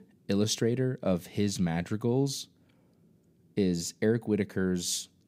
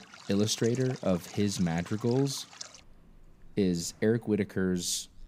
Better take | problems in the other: first | rain or running water; noticeable; throughout; 15 dB below the speech

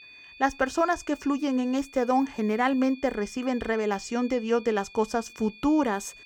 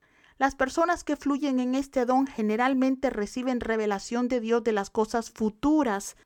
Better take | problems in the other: second | high-pitched whine; faint; throughout; 2.5 kHz, 20 dB below the speech

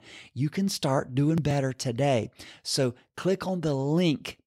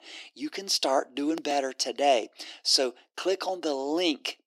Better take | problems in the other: first | thin; somewhat; fading below 300 Hz

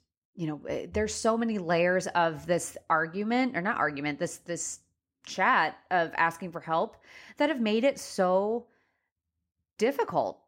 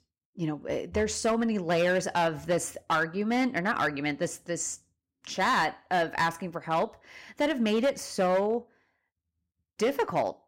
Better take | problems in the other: first | distortion; slight; 6% of the sound clipped

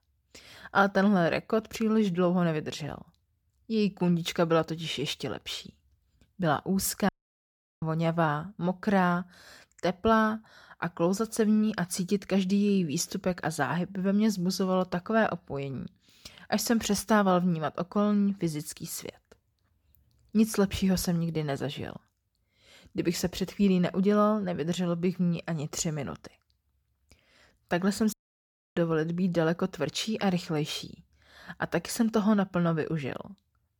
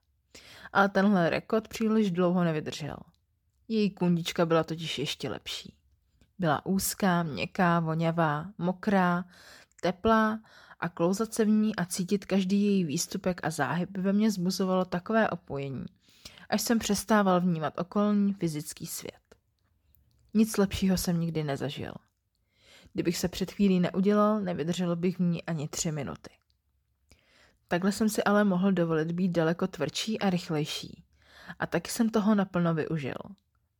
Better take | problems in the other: second | audio cutting out; at 7 s for 0.5 s and at 28 s for 0.5 s

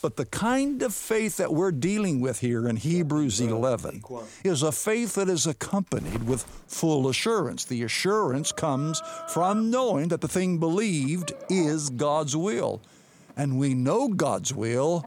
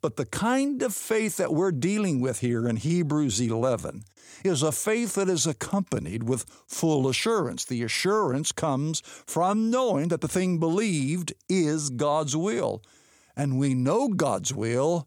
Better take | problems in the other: second | animal sounds; noticeable; throughout; 15 dB below the speech

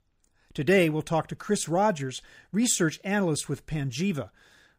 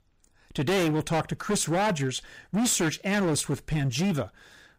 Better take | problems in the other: first | distortion; heavy; 18% of the sound clipped

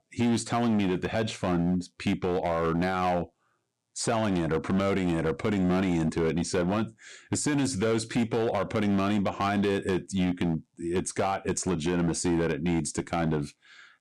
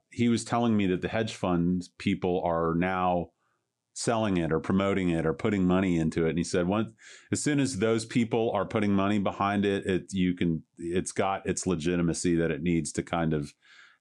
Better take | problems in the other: second | distortion; slight; 13% of the sound clipped

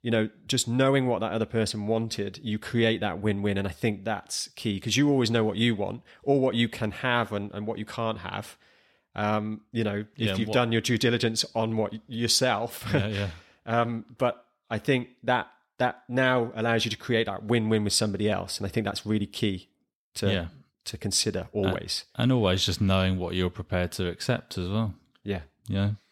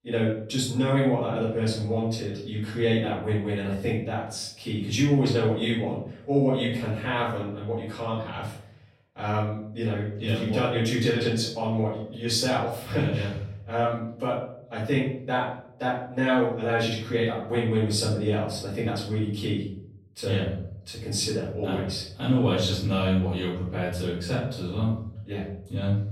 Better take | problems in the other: first | off-mic speech; far // room echo; noticeable; dies away in 0.7 s

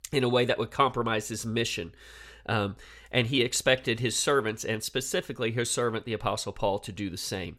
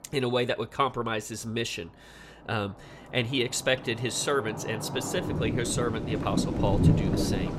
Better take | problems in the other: first | rain or running water; very loud; throughout; 1 dB above the speech

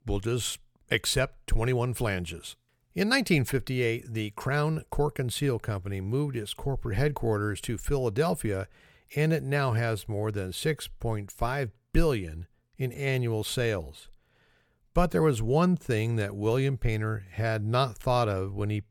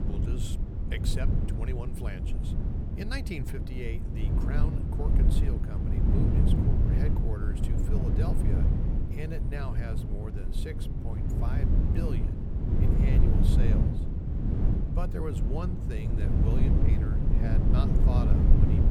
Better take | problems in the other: first | wind noise on the microphone; heavy; 2 dB above the speech

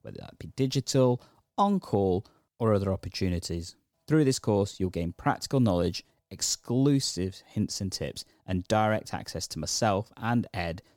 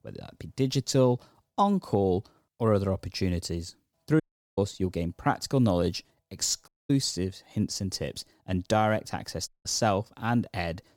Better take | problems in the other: first | audio cutting out; at 4 s, at 6.5 s and at 9.5 s

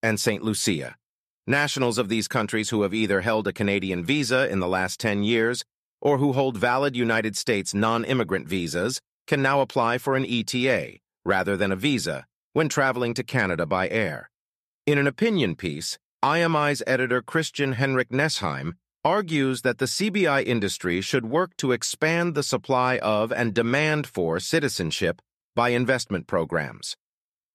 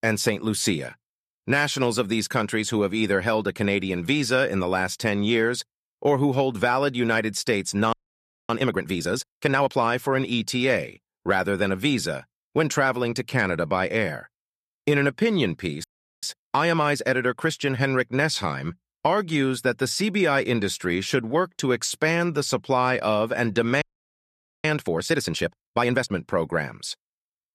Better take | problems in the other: first | audio freezing; at 8 s for 0.5 s, at 16 s and at 24 s for 1 s

